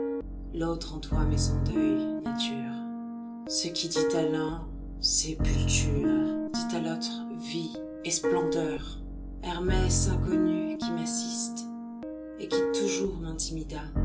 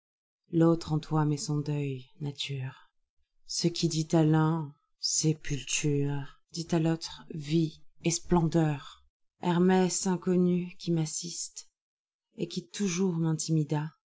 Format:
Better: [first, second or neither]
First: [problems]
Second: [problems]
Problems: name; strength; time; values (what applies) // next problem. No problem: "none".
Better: second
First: background sound (Piano); 5 dB above the speech // room echo; dies away in 0.3 s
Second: none